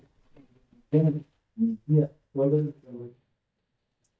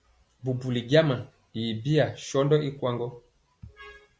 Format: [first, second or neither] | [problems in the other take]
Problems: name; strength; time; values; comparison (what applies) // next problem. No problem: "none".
second | noise reduction (neural mask model DeepFilterNet 3)